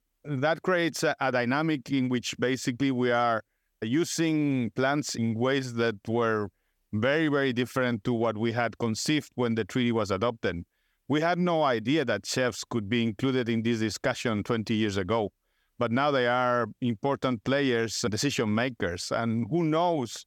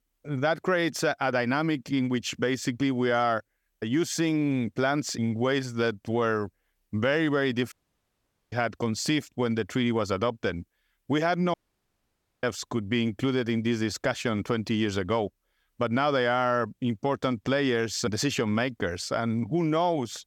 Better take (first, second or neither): first